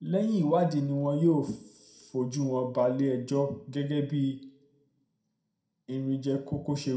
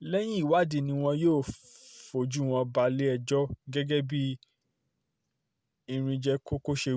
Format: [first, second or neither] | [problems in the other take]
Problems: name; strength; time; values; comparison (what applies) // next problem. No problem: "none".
second | room echo; dies away in 0.4 s